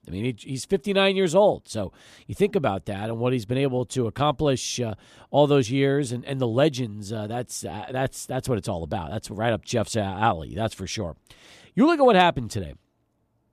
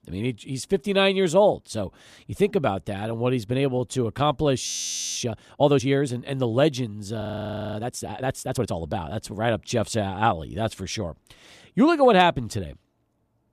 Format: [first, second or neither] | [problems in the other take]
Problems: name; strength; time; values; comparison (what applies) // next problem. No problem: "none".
first | audio freezing; at 4.5 s and at 7 s for 0.5 s